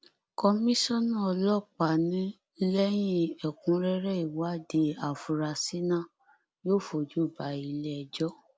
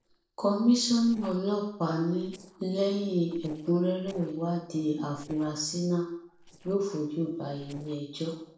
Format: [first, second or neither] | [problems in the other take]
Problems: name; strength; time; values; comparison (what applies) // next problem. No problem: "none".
first | noise reduction (neural separator model SepFormer DNS4)